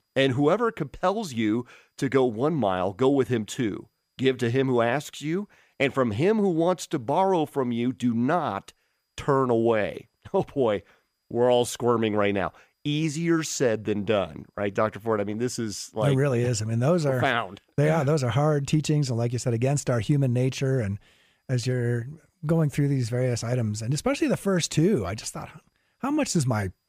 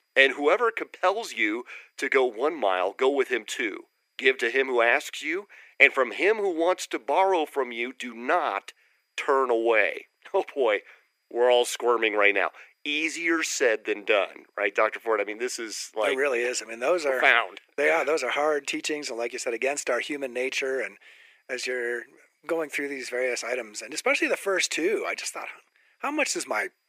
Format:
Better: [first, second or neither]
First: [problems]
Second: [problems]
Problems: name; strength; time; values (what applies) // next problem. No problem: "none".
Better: first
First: none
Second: thin; very; fading below 350 Hz